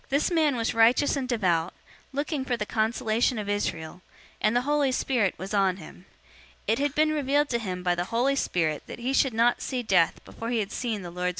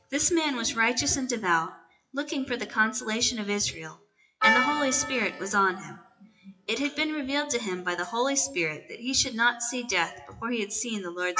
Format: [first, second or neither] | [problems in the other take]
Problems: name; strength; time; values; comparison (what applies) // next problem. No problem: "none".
first | noise reduction (classical method WPE with log-MMSE)